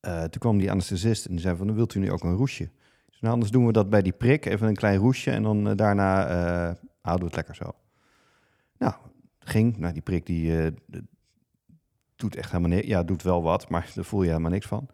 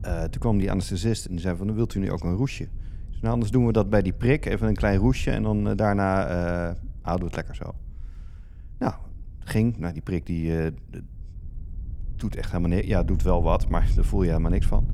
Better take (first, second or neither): first